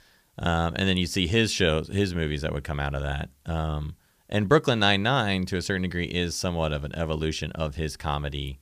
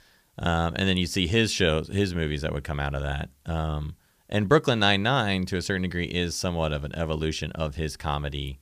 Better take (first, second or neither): neither